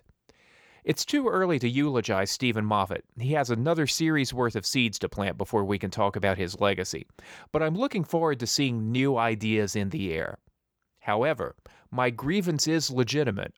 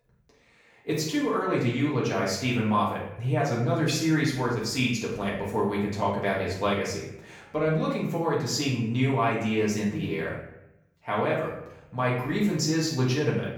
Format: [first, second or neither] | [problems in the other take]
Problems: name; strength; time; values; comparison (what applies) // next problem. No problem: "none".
first | off-mic speech; far // room echo; noticeable; dies away in 0.7 s